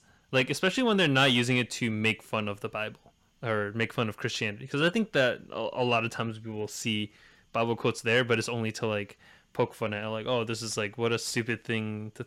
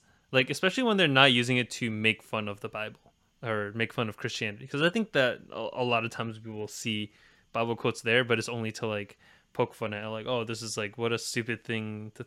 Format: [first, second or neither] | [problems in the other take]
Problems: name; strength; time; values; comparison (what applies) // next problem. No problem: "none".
second | distortion; slight; 10 dB below the speech